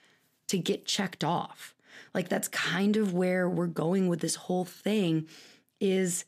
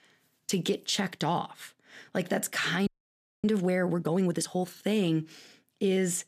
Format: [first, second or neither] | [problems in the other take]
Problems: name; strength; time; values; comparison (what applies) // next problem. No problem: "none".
first | audio freezing; at 3 s for 0.5 s